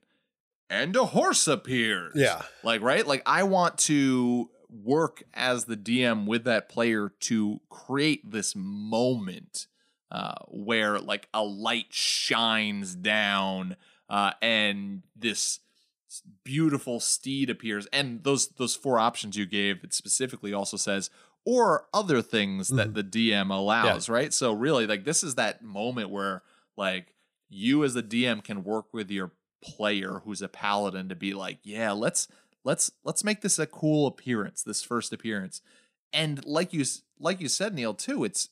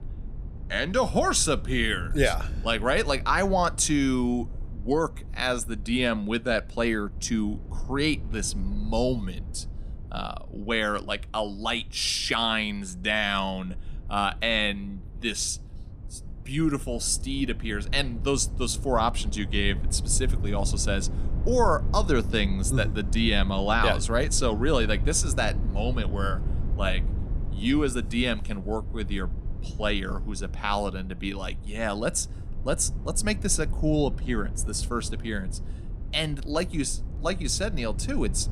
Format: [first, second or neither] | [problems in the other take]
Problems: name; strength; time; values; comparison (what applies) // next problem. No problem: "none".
first | low rumble; faint; throughout; 20 dB below the speech